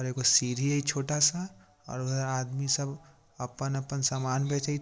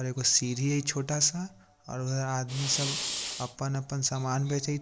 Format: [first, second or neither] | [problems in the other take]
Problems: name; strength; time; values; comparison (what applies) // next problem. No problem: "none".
first | background sound (Fire); 4 dB below the speech